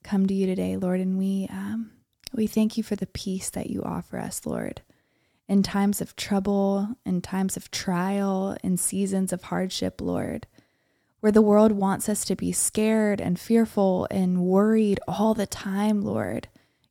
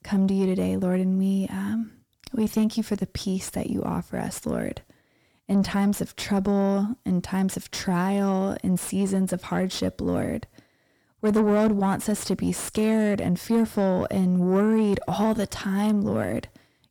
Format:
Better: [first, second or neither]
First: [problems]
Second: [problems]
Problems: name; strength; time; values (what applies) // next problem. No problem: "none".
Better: first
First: none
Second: distortion; slight; 10 dB below the speech